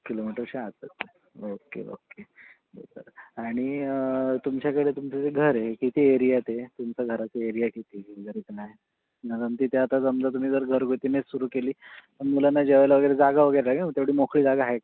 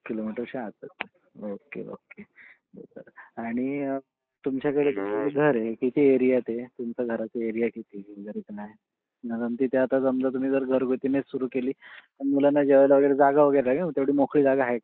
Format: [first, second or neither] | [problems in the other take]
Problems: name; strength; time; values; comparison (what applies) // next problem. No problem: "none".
first | noise reduction (neural mask model Resemble Enhance denoiser)